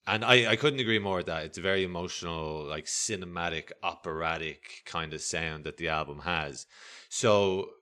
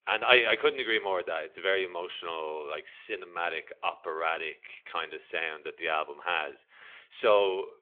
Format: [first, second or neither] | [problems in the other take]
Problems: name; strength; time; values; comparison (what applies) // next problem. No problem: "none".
first | phone-call audio; nothing above 3.5 kHz